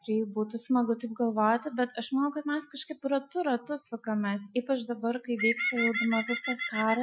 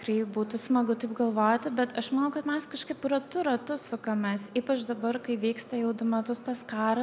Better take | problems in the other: second | noise reduction (classical method Wiener filter)

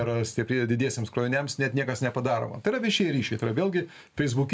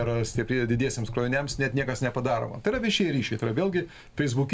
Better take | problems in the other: first | background sound (Gurgling / Engine); 15 dB below the speech

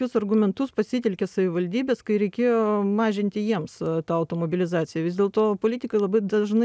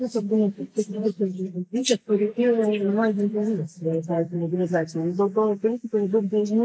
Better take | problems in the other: first | noise reduction (neural mask model Resemble Enhance denoiser)

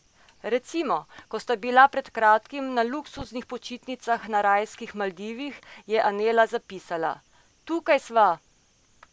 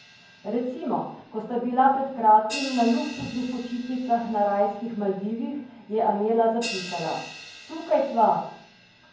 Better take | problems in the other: first | background sound (Crash cymbal); 17 dB below the speech // room echo; dies away in 0.9 s

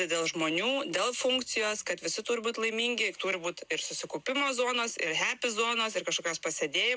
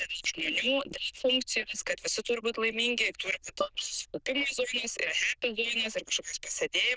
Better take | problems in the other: first | noise reduction (neural diffusion model UNIVERSE++)

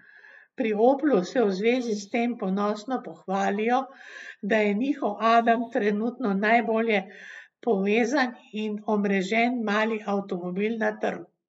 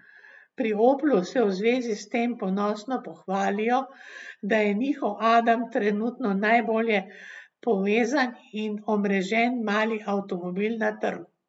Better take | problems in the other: second | noise reduction (neural mask model Resemble Enhance denoiser)

